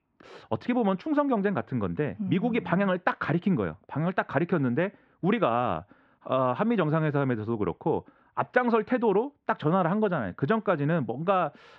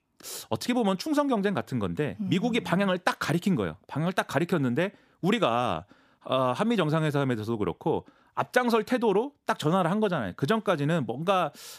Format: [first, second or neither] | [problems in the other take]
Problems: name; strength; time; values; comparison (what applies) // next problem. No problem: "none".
second | muffled; very; fading above 2.5 kHz